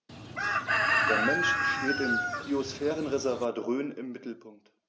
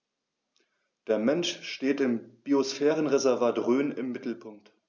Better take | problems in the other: second | background sound (Chicken, rooster); 4 dB above the speech

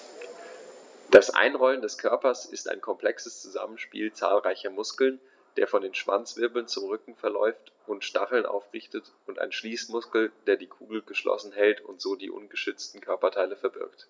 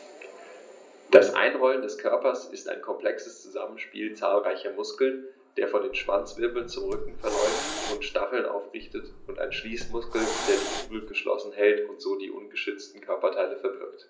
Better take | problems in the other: first | background sound (Hiss); 7 dB below the speech // room echo; dies away in 0.5 s

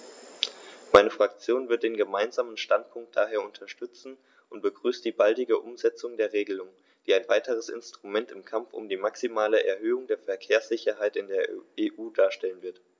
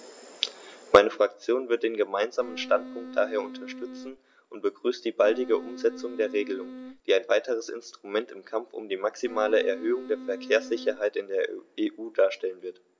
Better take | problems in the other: first | background sound (Wind instrument, woodwind instrument); 13 dB below the speech

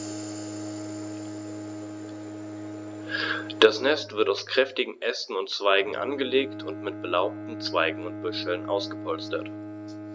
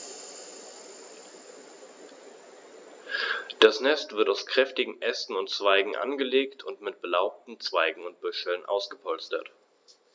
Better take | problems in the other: second | background sound (Bowed string instrument); 9 dB below the speech

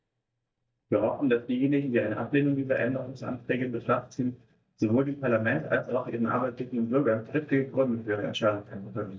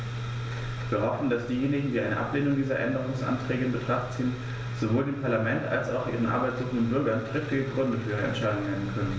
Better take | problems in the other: second | noise reduction (neural mask model DeepFilterNet 3)

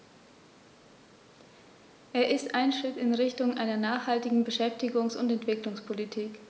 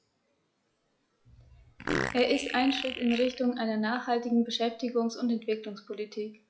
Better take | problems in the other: first | noise reduction (classical method log-MMSE)

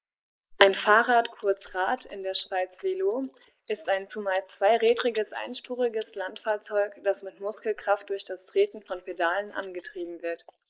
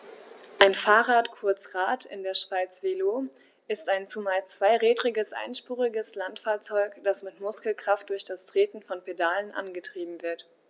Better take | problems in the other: second | noise reduction (neural mask model Resemble Enhance denoiser)

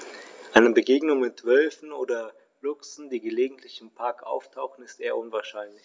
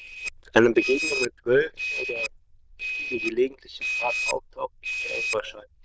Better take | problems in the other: first | noise reduction (neural diffusion model UNIVERSE++)

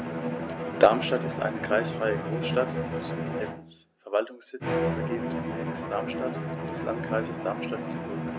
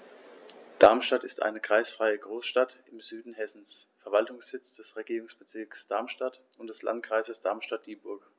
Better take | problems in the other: second | background sound (Bowed string instrument); 1 dB below the speech

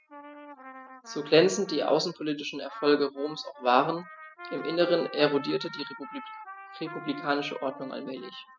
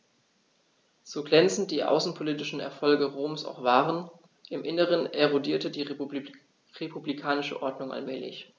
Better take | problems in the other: second | noise reduction (classical method spectral subtraction)

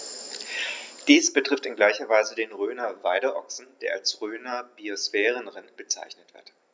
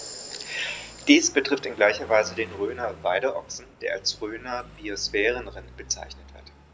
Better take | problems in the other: first | background sound (Car passing by); 19 dB below the speech

